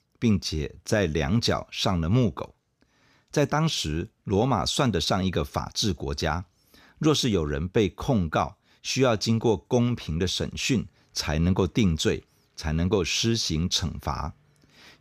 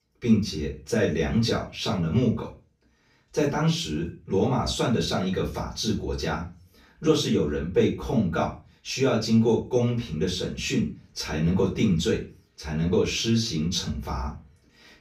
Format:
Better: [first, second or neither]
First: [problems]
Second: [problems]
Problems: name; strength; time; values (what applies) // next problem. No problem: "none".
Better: first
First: none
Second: off-mic speech; far // room echo; slight; dies away in 0.3 s